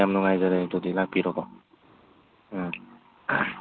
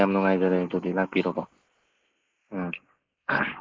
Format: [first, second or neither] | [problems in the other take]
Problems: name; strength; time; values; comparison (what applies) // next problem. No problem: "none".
first | noise reduction (neural mask model Resemble Enhance denoiser)